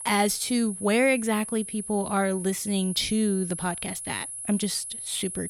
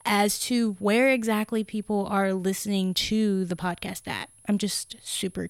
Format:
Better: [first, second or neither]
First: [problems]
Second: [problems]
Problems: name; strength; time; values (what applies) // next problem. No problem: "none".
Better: second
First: high-pitched whine; loud; throughout; 10.5 kHz, 8 dB below the speech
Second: high-pitched whine; faint; throughout; 10.5 kHz, 30 dB below the speech